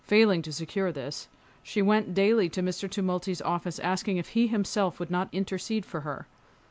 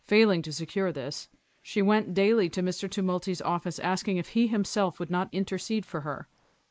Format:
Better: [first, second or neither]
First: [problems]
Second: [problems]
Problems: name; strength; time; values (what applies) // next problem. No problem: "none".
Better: first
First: none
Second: noise reduction (neural mask model Resemble Enhance denoiser)